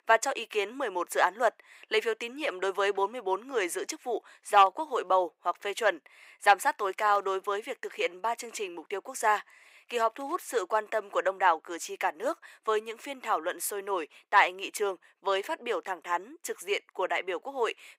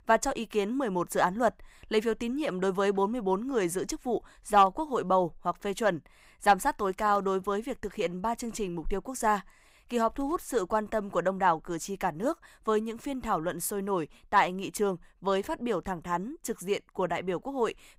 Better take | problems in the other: second | thin; very; fading below 350 Hz

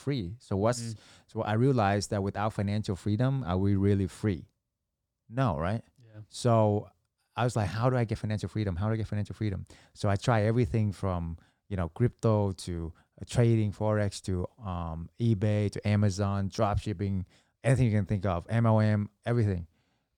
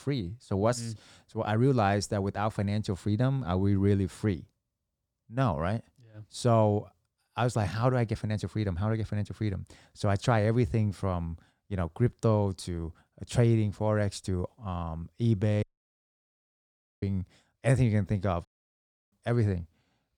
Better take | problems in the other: first | audio cutting out; at 16 s for 1.5 s and at 18 s for 0.5 s

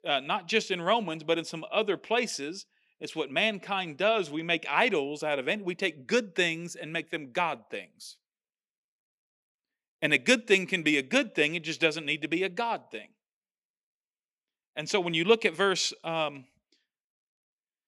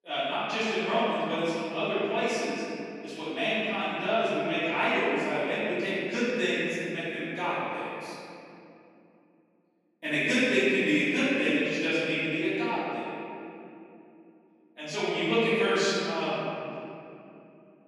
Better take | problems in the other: first | off-mic speech; far // room echo; strong; dies away in 2.7 s

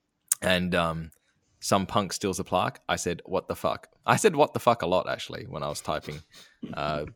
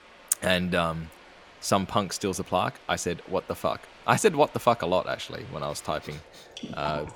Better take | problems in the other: first | rain or running water; faint; throughout; 20 dB below the speech

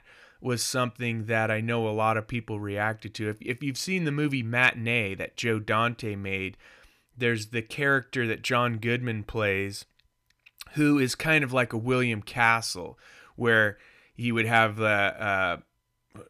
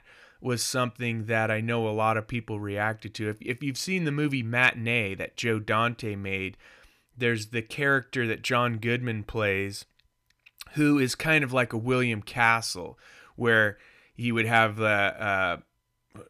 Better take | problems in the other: neither | none

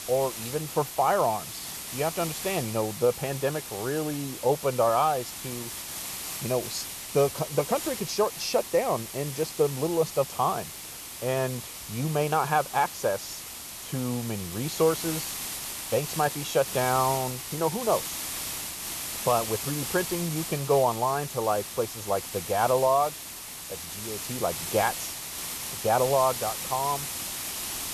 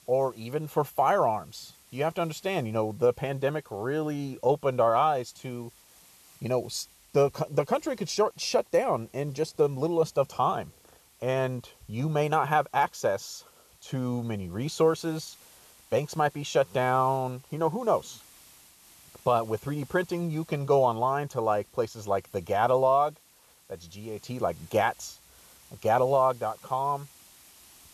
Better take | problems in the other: second | hiss; loud; throughout; 6 dB below the speech; faint in the second

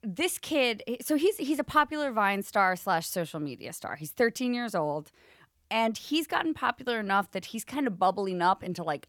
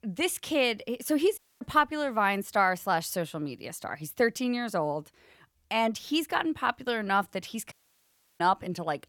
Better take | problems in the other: first | audio cutting out; at 1.5 s and at 7.5 s for 0.5 s

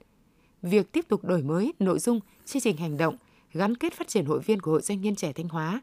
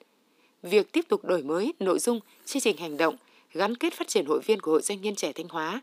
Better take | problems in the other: first | thin; somewhat; fading below 250 Hz

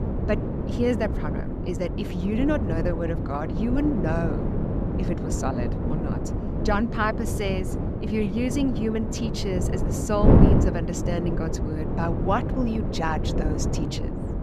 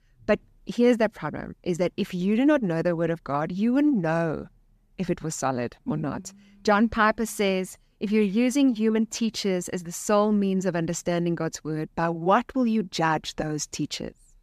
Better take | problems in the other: second | wind noise on the microphone; heavy; 3 dB below the speech

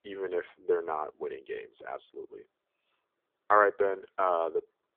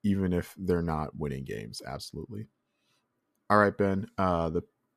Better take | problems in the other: second | phone-call audio

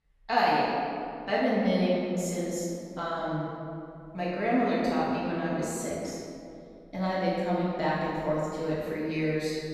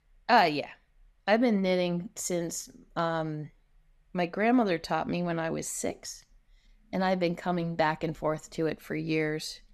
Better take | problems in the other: second | off-mic speech; far // room echo; strong; dies away in 2.2 s

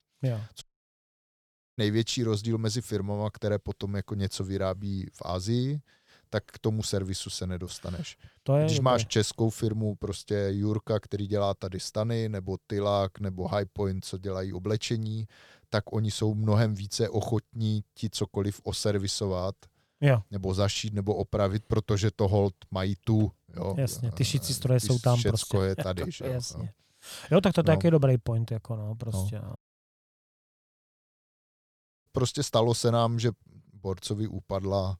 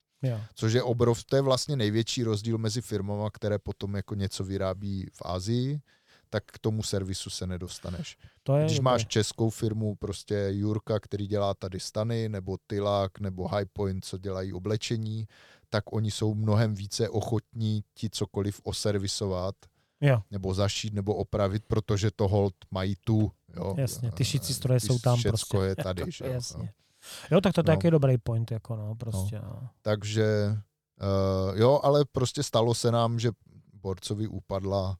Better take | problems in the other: second | audio cutting out; at 0.5 s for 1 s and at 30 s for 2.5 s

